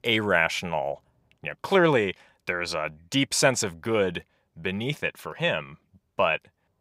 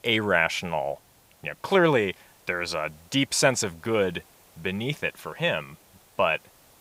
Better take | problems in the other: first | hiss; faint; throughout; 30 dB below the speech

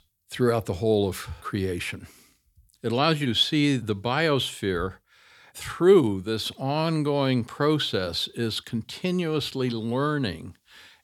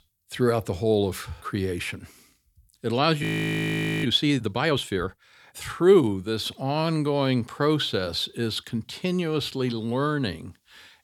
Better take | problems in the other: first | audio freezing; at 3 s for 1 s

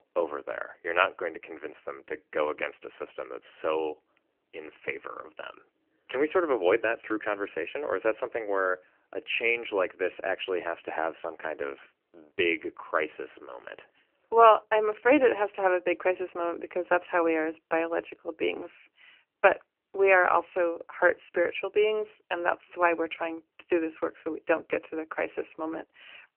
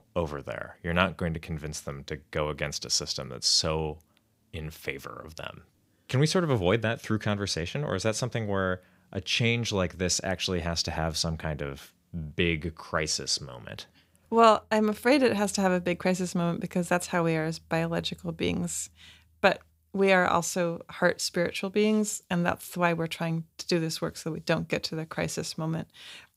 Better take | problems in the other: second | phone-call audio; nothing above 3 kHz

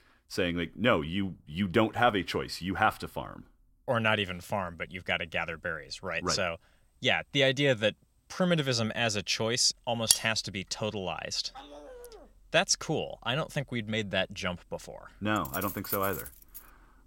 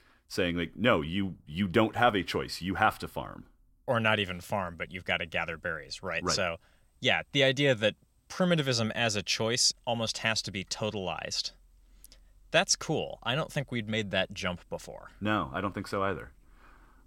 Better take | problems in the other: second | clattering dishes; loud; at 10 s; peak 4 dB above the speech // dog barking; faint; at 12 s; peak 15 dB below the speech // jangling keys; noticeable; from 15 s on; peak 5 dB below the speech

